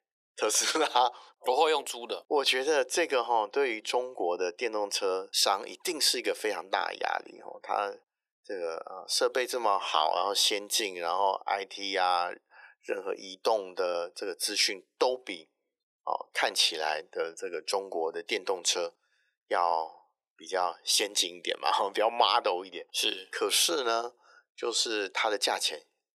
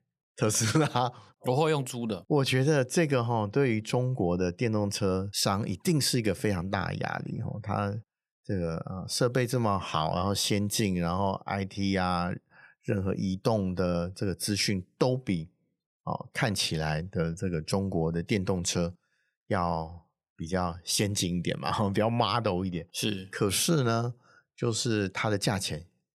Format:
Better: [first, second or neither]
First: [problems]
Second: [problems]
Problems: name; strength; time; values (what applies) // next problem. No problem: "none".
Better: second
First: thin; very; fading below 400 Hz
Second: none